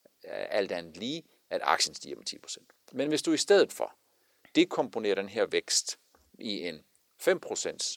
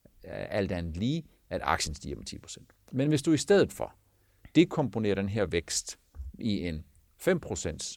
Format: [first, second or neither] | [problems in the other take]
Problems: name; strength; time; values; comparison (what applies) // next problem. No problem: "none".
second | thin; somewhat; fading below 450 Hz